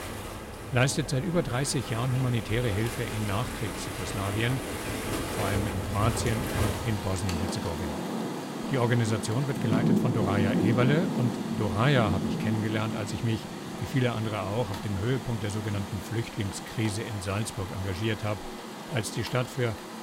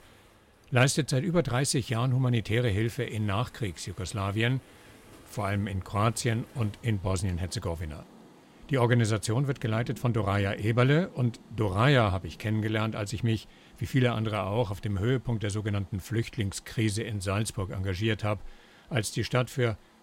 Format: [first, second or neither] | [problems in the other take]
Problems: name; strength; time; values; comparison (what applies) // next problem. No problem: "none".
second | rain or running water; loud; throughout; 3 dB below the speech; faint in the second